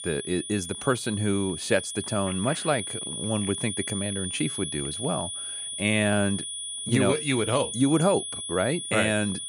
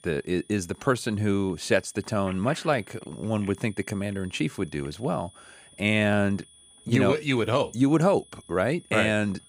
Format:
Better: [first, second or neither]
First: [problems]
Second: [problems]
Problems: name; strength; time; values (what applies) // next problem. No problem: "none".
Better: second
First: high-pitched whine; loud; throughout; 9.5 kHz, 5 dB below the speech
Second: high-pitched whine; faint; throughout; 9.5 kHz, 25 dB below the speech